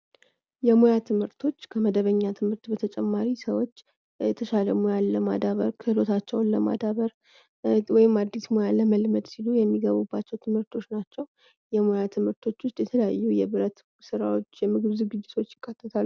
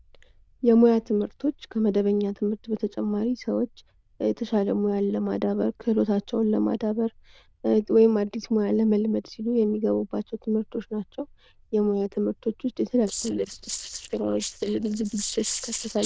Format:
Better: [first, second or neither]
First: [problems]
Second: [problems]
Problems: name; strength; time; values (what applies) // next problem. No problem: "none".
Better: first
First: none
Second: noise reduction (neural diffusion model UNIVERSE++)